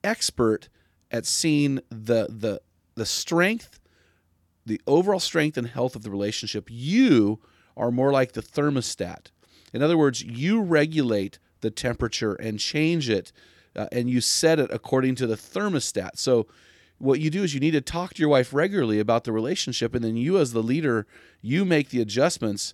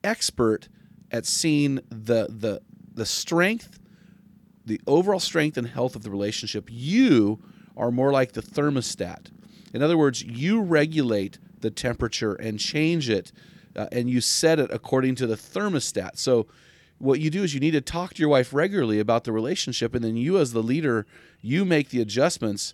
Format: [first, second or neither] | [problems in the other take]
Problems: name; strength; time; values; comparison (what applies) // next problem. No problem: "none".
first | animal sounds; faint; throughout; 30 dB below the speech